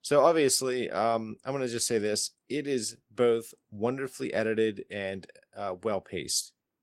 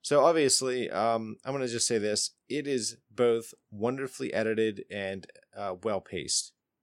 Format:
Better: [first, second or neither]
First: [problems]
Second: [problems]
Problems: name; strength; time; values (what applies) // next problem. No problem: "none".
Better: second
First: garbled, watery; slightly; nothing above 16.5 kHz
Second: none